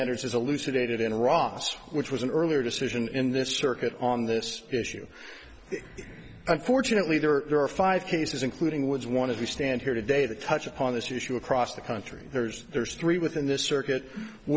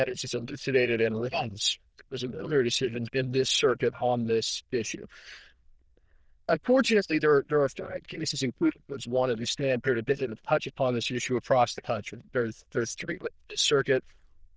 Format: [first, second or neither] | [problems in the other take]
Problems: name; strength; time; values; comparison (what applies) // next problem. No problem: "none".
first | noise reduction (neural diffusion model UNIVERSE++)